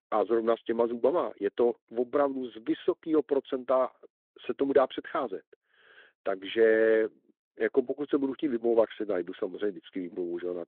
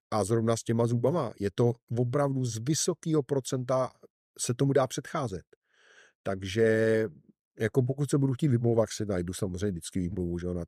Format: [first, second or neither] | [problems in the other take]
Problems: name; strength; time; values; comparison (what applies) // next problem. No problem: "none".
second | phone-call audio